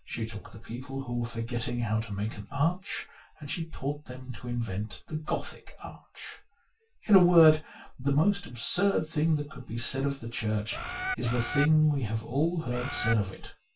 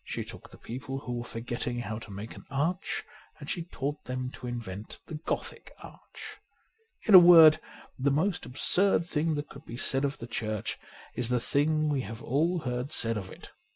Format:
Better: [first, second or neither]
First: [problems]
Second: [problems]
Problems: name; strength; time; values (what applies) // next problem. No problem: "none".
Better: second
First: background sound (Bird); 5 dB below the speech // room echo; dies away in 0.2 s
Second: none